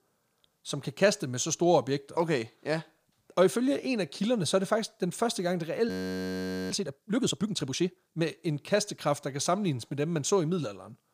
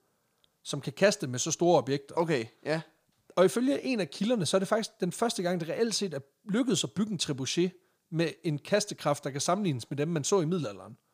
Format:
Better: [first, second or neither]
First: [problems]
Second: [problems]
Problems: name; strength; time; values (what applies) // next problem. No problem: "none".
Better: second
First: audio freezing; at 6 s for 1 s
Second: none